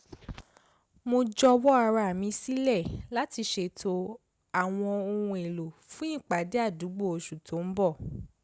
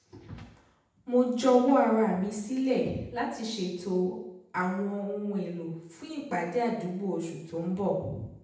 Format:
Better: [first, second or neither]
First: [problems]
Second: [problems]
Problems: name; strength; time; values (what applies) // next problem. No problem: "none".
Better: first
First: none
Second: room echo; dies away in 0.8 s